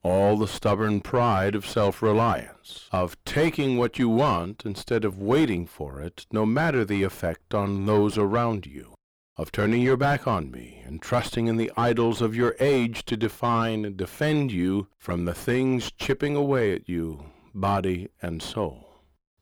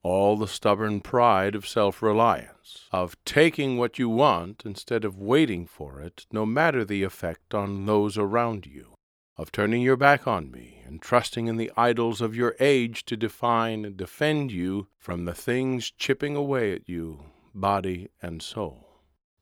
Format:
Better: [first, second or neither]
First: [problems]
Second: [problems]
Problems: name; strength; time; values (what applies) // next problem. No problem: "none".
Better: second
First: distortion; heavy; 6 dB below the speech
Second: none